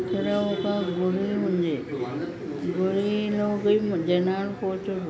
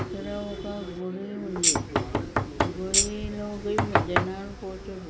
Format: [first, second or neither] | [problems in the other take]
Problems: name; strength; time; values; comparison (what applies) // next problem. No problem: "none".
first | background sound (Knock + Tambourine); 5 dB above the speech